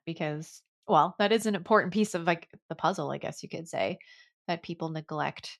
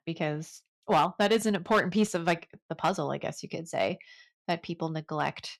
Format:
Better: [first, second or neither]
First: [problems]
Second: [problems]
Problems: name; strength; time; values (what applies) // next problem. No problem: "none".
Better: first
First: none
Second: distortion; slight; 2% of the sound clipped